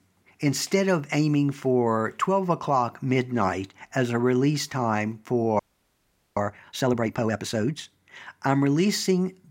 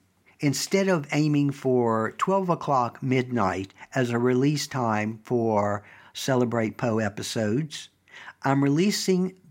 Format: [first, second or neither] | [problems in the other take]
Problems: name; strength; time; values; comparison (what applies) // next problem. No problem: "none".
second | audio freezing; at 5.5 s for 1 s